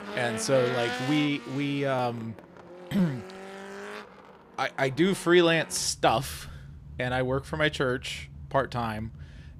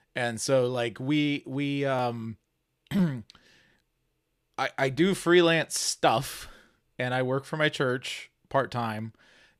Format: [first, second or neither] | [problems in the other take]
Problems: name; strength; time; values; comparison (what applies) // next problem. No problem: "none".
second | traffic noise; noticeable; throughout; 15 dB below the speech